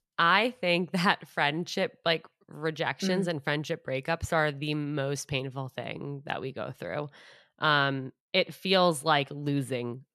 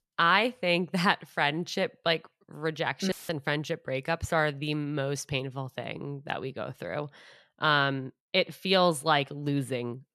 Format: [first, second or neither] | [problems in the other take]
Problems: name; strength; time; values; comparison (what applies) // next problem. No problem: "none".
first | audio cutting out; filled with static; at 3 s